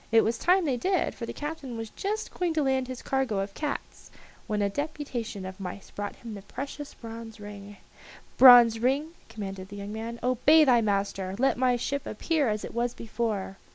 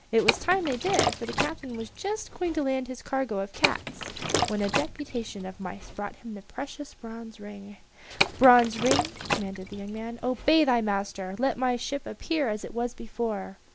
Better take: first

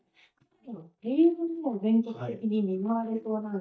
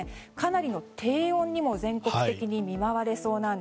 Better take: second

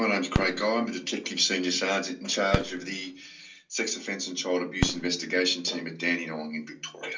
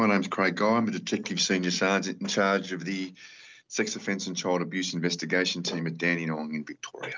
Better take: second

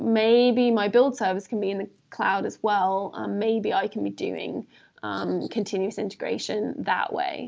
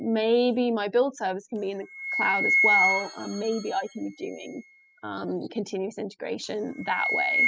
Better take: first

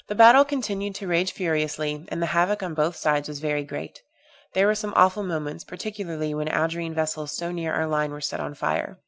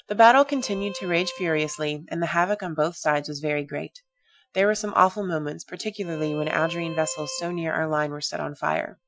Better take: first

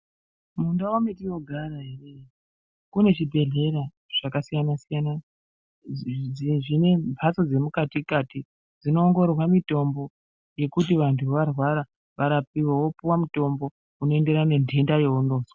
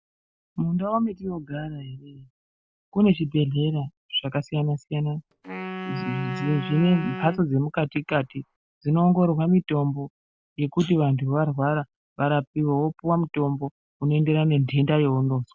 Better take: first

